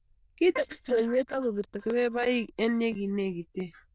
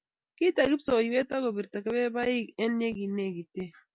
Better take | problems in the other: second | noise reduction (neural diffusion model UNIVERSE++)

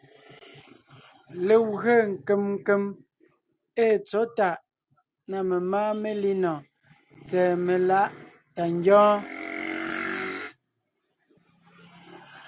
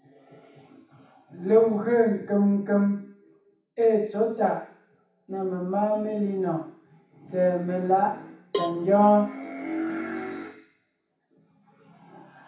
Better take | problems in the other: first | background sound (Cowbell); 11 dB below the speech // room echo; dies away in 0.7 s

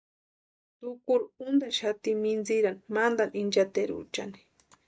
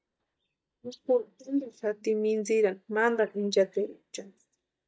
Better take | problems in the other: first | noise reduction (neural mask model DeepFilterNet 3)

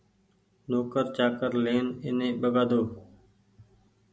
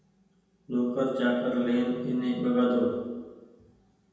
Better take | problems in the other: first | room echo; dies away in 1.1 s

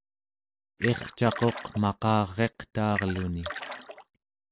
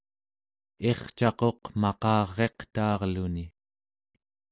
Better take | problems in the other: second | background sound (Splash, splatter); 9 dB below the speech

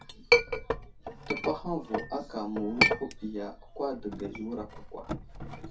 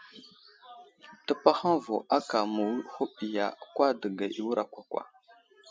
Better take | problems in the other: second | background sound (Chink, clink); 4 dB above the speech // room echo; dies away in 0.3 s

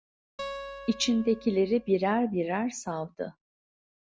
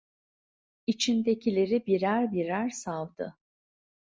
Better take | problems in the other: second | background sound (Acoustic guitar); 15 dB below the speech

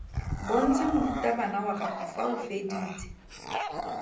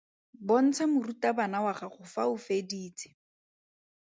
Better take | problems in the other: second | background sound (Bark / Growling); 4 dB below the speech // room echo; dies away in 0.6 s

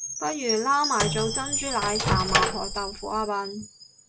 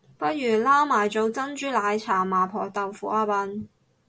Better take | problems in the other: second | background sound (Chime + Microwave oven); 1 dB below the speech

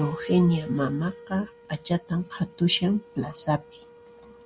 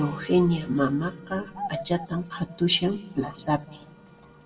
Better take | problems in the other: first | background sound (Bird vocalization, bird call, bird song); 14 dB below the speech // room echo; dies away in 0.8 s

